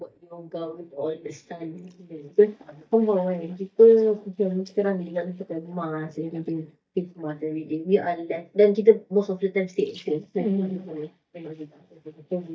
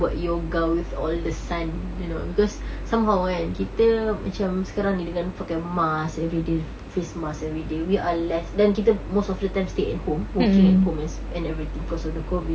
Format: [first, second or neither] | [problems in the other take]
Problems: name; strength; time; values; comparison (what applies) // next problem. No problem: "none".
second | noise reduction (neural mask model DeepFilterNet 3)